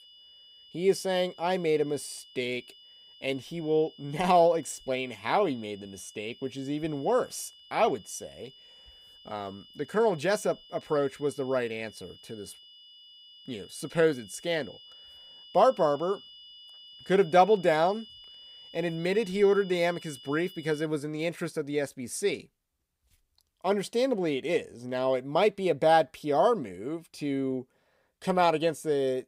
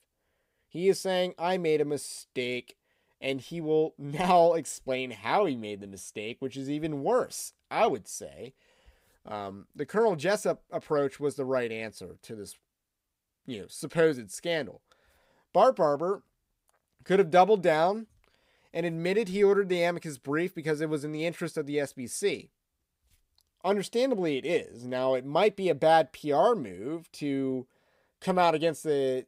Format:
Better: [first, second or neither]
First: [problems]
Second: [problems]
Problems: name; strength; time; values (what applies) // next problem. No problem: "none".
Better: second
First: high-pitched whine; faint; until 21 s; 3 kHz, 20 dB below the speech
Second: none